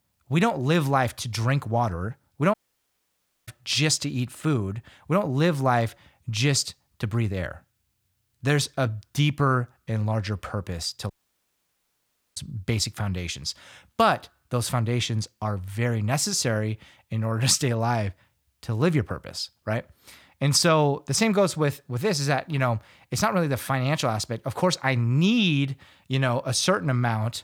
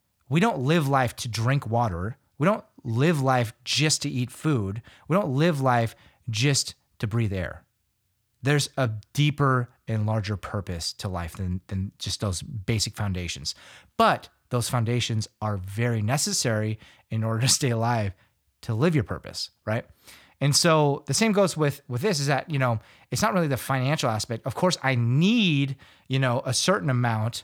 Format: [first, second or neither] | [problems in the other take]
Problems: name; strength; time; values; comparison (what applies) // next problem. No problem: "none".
second | audio cutting out; at 2.5 s for 1 s and at 11 s for 1.5 s